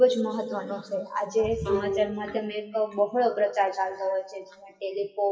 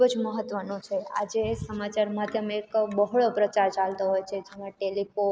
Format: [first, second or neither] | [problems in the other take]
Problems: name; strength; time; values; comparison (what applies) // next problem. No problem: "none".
second | noise reduction (classical method WPE with log-MMSE)